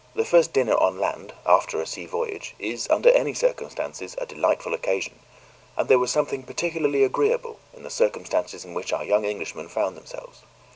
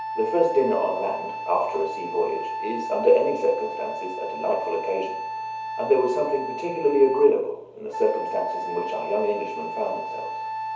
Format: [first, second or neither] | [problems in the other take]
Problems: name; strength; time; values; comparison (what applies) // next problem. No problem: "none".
first | background sound (Wind instrument, woodwind instrument); 7 dB below the speech // room echo; dies away in 2.2 s